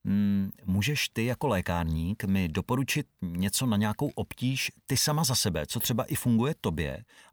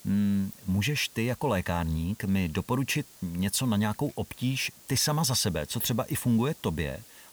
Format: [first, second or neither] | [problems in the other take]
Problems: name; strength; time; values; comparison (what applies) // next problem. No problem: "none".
first | hiss; faint; throughout; 20 dB below the speech